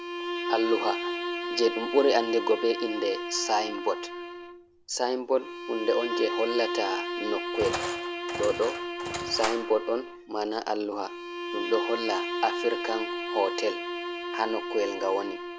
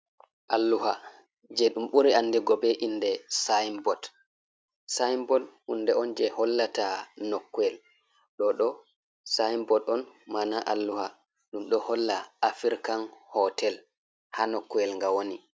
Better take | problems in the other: second | background sound (Bowed string instrument + Engine); 4 dB below the speech

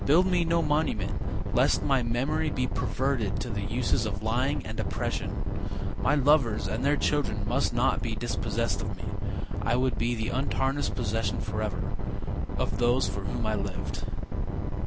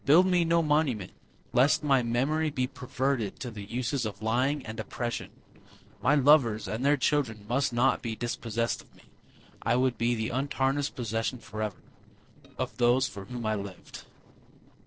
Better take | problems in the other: first | noise reduction (neural separator model SepFormer DNS4)

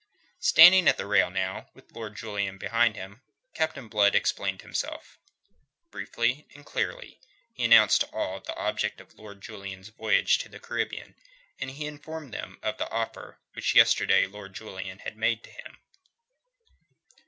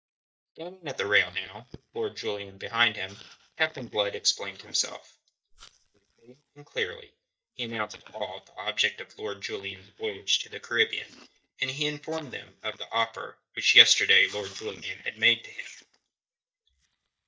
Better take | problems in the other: first | noise reduction (neural mask model DeepFilterNet 3)

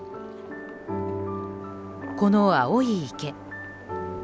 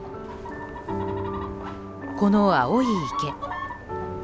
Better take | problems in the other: first | background sound (Chicken, rooster); 9 dB below the speech

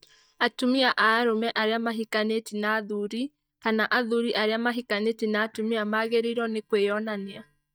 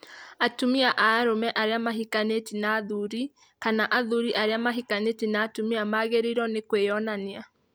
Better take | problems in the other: second | noise reduction (neural mask model DeepFilterNet 3)

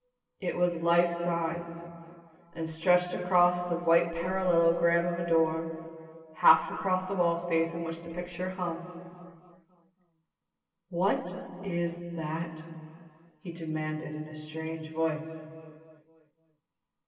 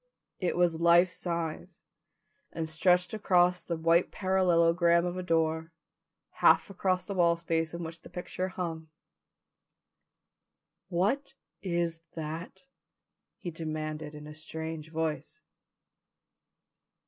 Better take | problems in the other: second | room echo; dies away in 2.5 s

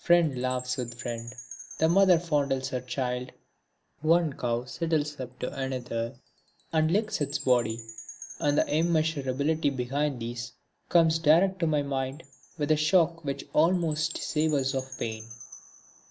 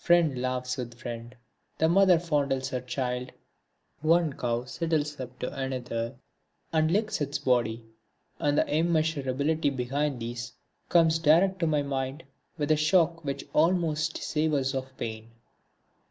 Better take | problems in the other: second | background sound (Chime); 19 dB below the speech

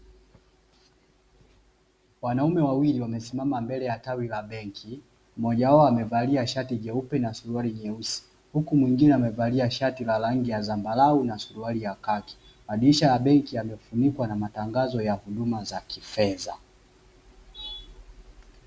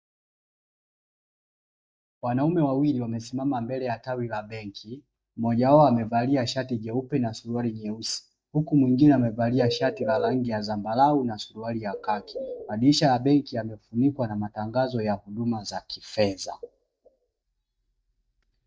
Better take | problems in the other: first | noise reduction (neural mask model DeepFilterNet 3)

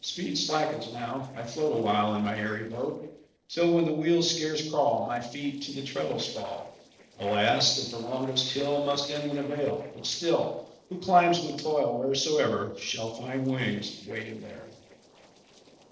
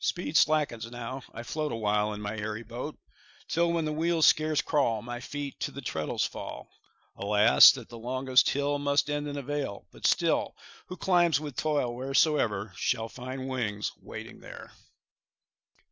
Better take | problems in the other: second | noise reduction (neural separator model SepFormer DNS4)

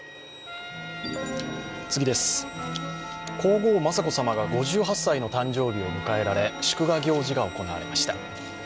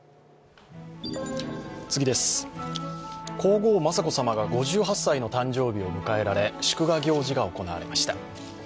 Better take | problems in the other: second | background sound (Bowed string instrument + Trumpet); 13 dB below the speech

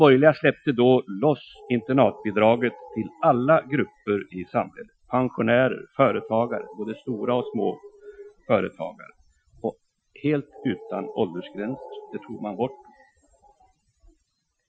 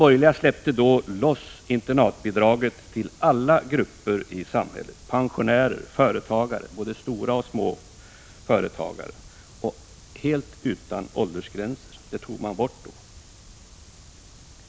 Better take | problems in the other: second | noise reduction (classical method Wiener filter)

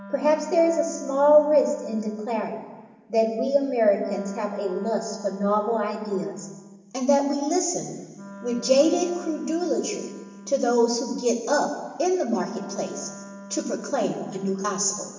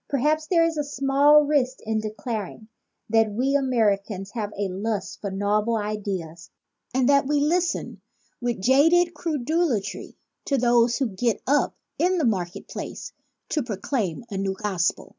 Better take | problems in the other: second | background sound (Wind instrument, woodwind instrument); 18 dB below the speech // room echo; dies away in 1.4 s

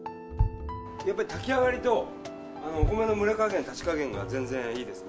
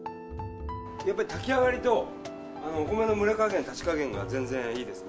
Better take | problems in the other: second | background sound (Bass drum); 6 dB below the speech

